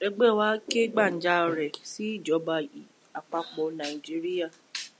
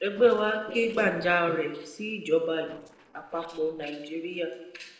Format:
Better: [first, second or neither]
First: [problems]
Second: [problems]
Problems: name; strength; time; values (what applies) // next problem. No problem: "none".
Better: first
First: none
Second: noise reduction (neural separator model SepFormer DNS4)